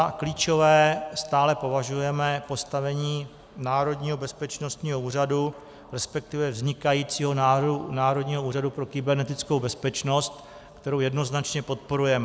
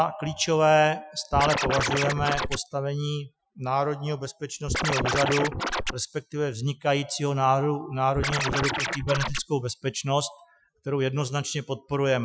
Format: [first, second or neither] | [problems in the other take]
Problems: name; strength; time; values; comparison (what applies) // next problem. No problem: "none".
first | noise reduction (classical method Wiener filter)